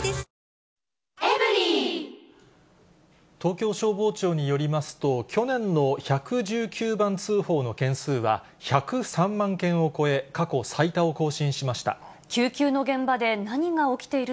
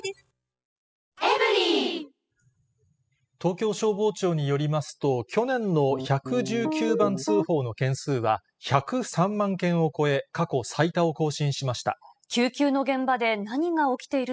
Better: first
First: none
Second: noise reduction (classical method spectral subtraction)

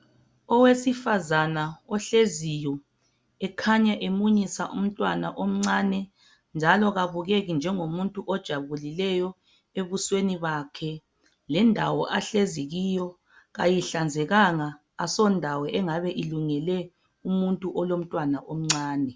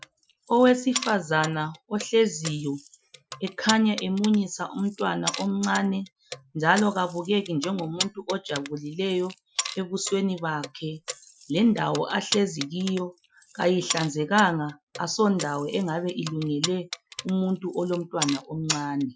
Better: first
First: none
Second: noise reduction (classical method Wiener filter)

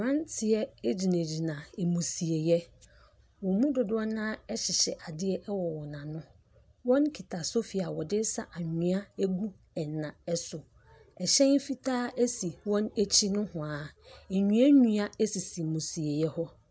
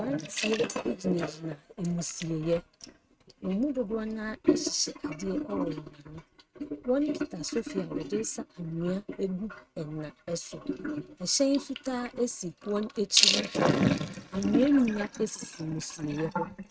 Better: first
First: none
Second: noise reduction (neural mask model RNNoise)

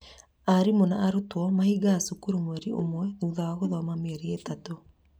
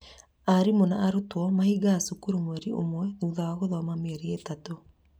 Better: second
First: background sound (Keyboard (musical)); 20 dB below the speech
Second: none

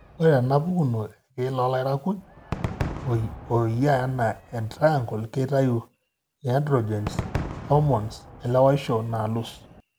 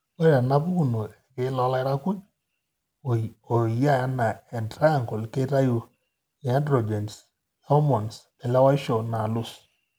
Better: second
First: background sound (Crowd / Cheering / Fireworks); 13 dB below the speech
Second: none

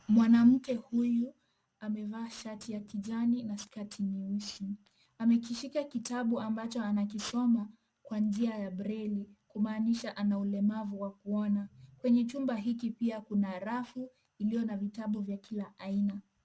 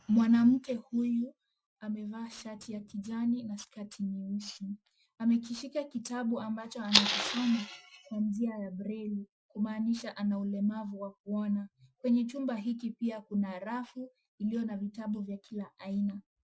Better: first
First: none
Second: noise reduction (classical method Wiener filter)

